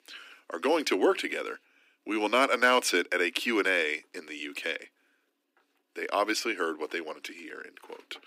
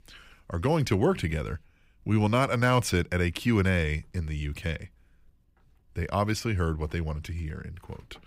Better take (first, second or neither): second